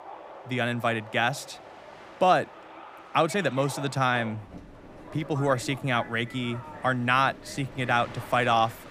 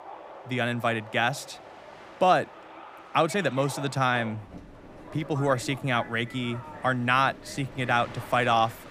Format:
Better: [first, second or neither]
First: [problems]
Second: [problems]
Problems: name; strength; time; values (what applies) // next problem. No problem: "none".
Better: neither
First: train or aircraft noise; noticeable; throughout; 15 dB below the speech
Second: train or aircraft noise; noticeable; throughout; 15 dB below the speech